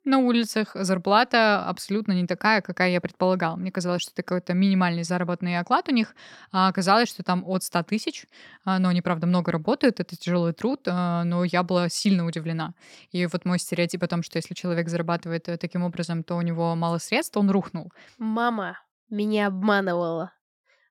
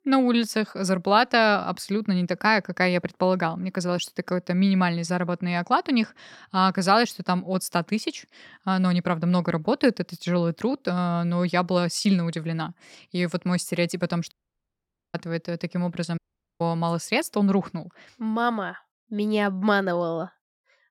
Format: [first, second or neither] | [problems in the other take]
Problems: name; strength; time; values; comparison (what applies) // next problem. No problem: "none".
first | audio cutting out; at 14 s for 1 s and at 16 s